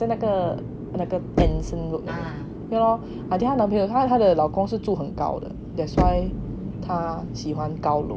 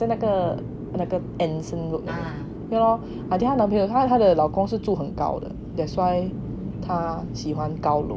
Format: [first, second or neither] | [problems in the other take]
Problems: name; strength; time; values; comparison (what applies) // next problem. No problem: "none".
second | background sound (Knock); 5 dB below the speech